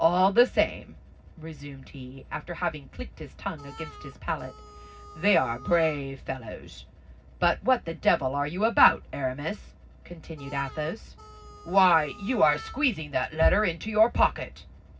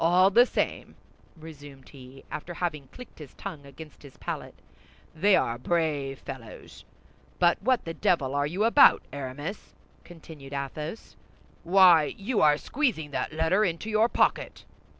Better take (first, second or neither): second